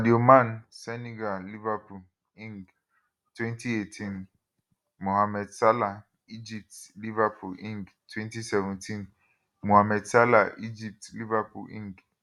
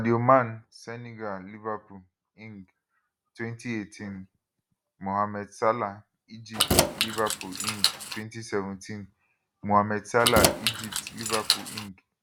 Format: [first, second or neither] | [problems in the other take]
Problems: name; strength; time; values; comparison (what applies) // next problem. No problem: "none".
first | background sound (Keys jangling); 2 dB above the speech